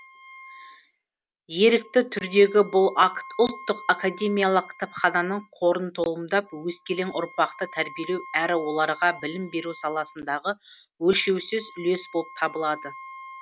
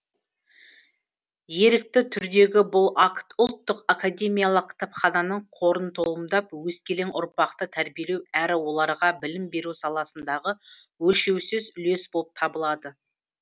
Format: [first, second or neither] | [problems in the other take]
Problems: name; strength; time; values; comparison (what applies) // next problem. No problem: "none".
second | background sound (Wind instrument, woodwind instrument); 19 dB below the speech